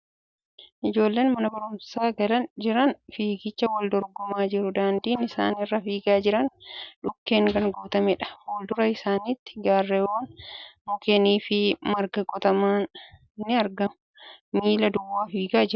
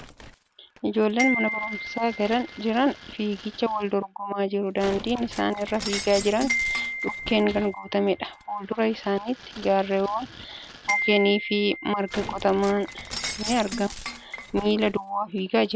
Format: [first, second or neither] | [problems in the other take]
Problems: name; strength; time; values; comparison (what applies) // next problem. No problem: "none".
first | background sound (Shatter + Glockenspiel); 9 dB below the speech